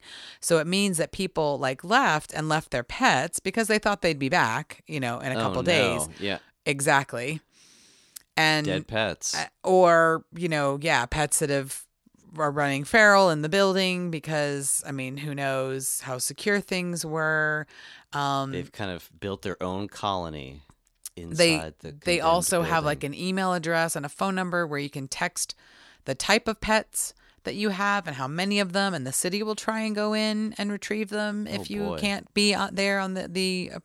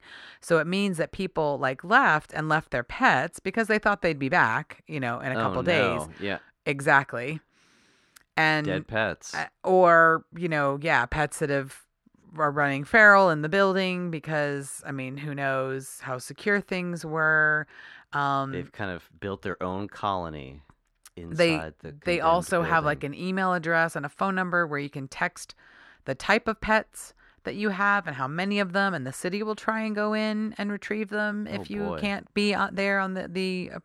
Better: first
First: none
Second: muffled; slightly; fading above 3.5 kHz

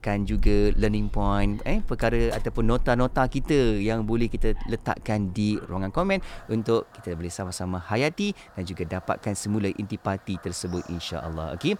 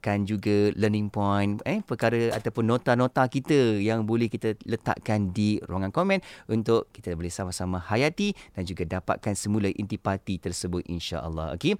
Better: second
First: animal sounds; noticeable; throughout; 10 dB below the speech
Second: none

